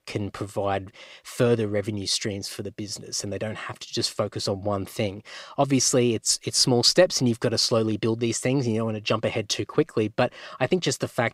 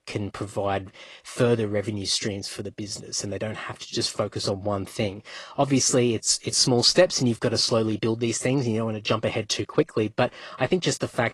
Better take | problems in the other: first | garbled, watery; slightly

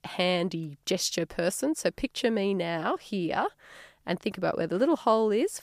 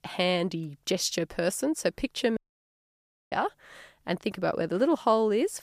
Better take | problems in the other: first | audio cutting out; at 2.5 s for 1 s

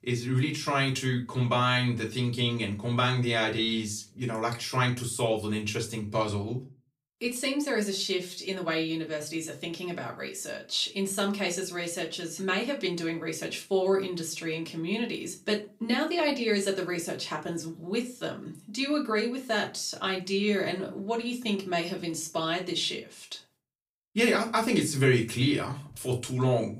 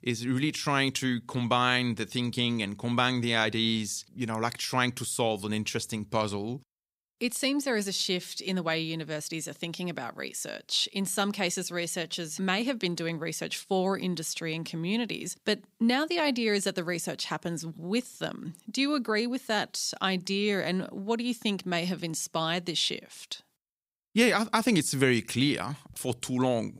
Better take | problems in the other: second | off-mic speech; far // room echo; very slight; dies away in 0.3 s

